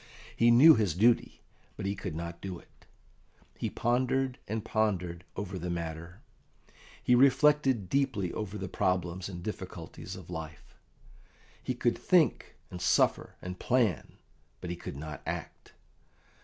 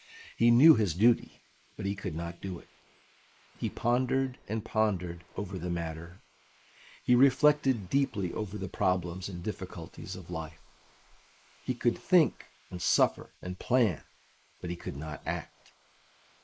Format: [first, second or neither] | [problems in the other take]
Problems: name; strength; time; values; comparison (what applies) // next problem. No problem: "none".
first | noise reduction (neural mask model Resemble Enhance denoiser)